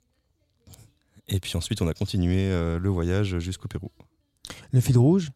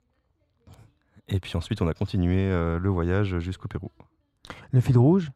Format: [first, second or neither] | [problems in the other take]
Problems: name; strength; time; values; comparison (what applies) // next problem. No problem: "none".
first | muffled; slightly; fading above 4 kHz